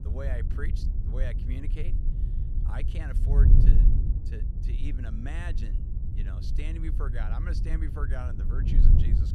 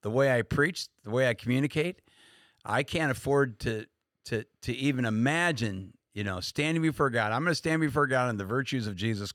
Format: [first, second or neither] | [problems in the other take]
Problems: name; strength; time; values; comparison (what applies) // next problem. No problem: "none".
second | wind noise on the microphone; heavy; 2 dB below the speech